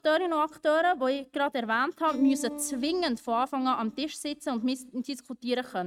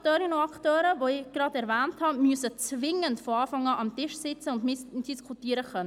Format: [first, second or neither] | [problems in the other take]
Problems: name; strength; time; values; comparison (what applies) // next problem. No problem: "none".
second | noise reduction (neural mask model RNNoise)